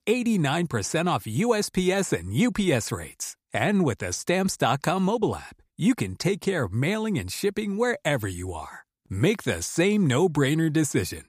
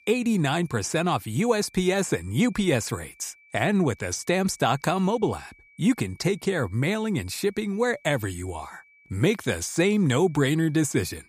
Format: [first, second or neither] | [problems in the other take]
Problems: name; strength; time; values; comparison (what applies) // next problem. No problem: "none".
first | high-pitched whine; faint; throughout; 2.5 kHz, 30 dB below the speech